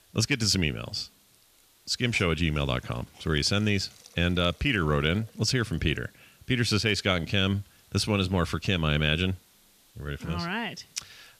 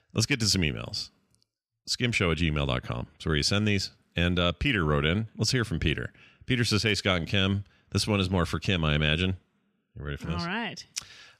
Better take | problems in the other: second | hiss; faint; throughout; 30 dB below the speech

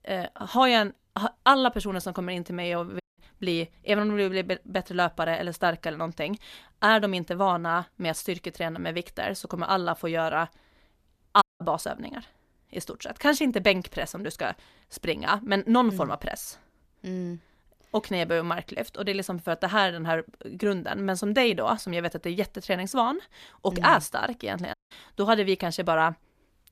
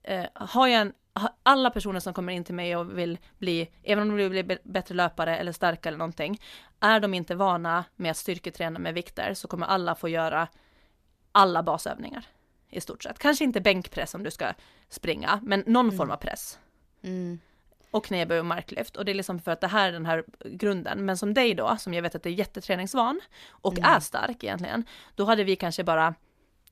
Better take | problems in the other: second | audio cutting out; at 3 s, at 11 s and at 25 s

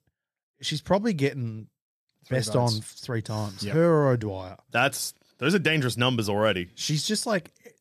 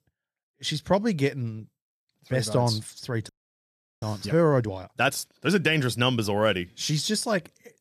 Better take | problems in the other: first | audio freezing; at 3.5 s for 0.5 s

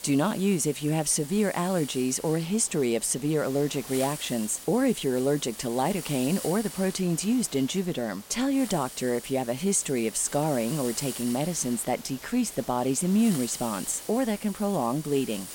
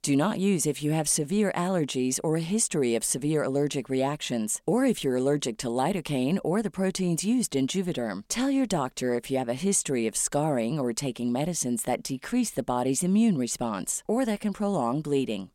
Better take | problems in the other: second | hiss; noticeable; throughout; 10 dB below the speech

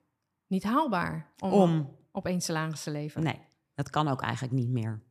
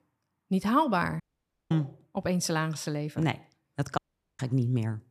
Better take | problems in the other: first | audio cutting out; at 1 s for 0.5 s and at 4 s

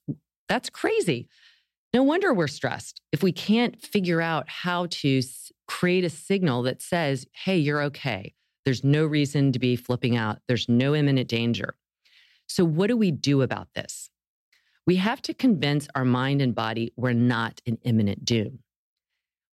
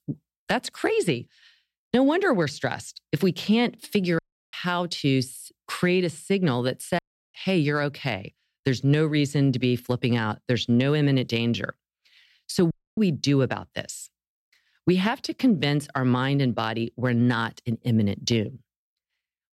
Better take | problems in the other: first | audio cutting out; at 4 s, at 7 s and at 13 s

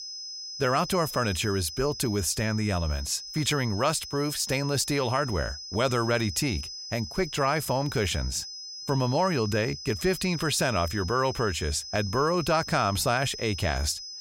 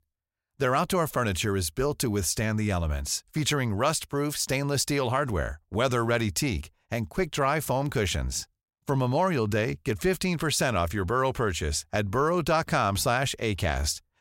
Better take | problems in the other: second | high-pitched whine; loud; throughout; 5 kHz, 9 dB below the speech

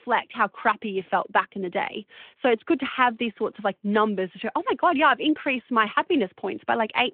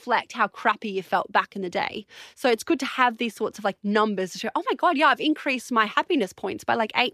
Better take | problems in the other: second | phone-call audio

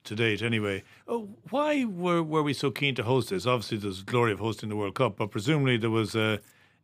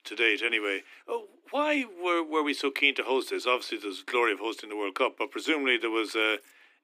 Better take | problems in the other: first | thin; somewhat; fading below 300 Hz

